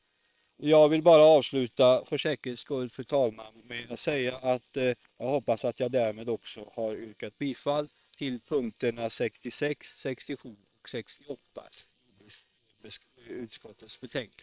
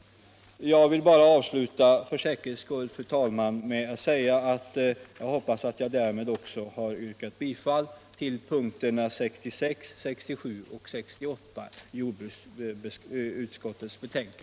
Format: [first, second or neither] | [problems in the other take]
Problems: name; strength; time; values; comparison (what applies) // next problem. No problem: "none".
second | noise reduction (neural separator model SepFormer WHAM!)